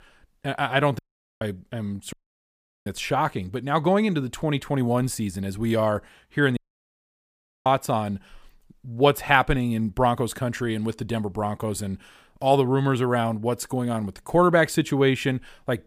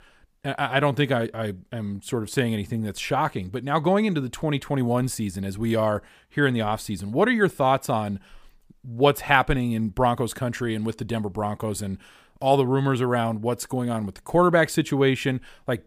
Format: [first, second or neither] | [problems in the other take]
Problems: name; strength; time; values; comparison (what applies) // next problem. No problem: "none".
second | audio cutting out; at 1 s, at 2 s for 0.5 s and at 6.5 s for 1 s